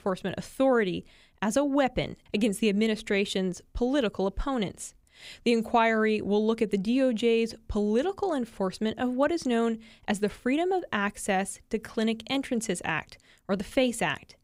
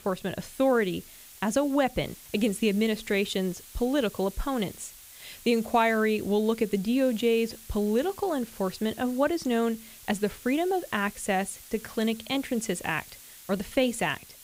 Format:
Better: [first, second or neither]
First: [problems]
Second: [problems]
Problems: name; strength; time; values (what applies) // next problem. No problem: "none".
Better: first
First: none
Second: hiss; noticeable; throughout; 20 dB below the speech